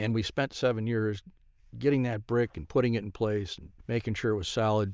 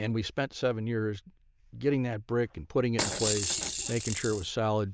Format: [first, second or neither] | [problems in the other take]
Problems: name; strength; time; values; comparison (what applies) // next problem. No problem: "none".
first | background sound (Rattle / Rattle (instrument)); 1 dB below the speech